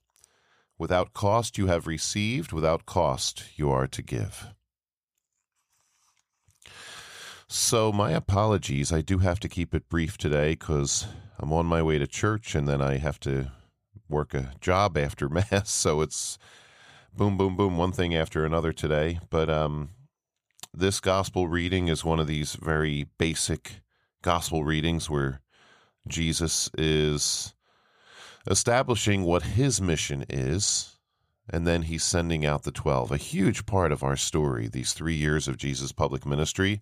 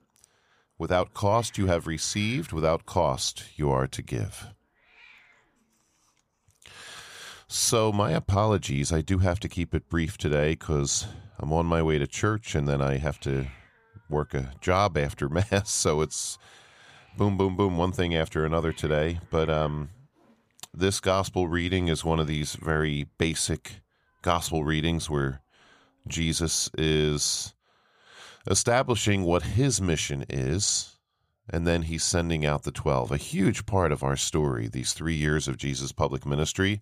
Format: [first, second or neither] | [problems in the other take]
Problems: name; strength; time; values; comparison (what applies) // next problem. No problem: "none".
first | hiss; faint; until 27 s; 30 dB below the speech